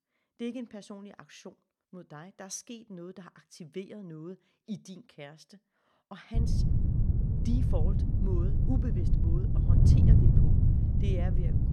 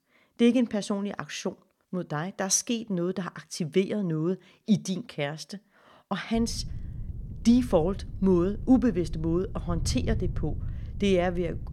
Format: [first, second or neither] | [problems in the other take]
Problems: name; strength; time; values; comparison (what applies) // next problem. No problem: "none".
second | wind noise on the microphone; heavy; from 6.5 s on; 4 dB above the speech; occasional gusts in the second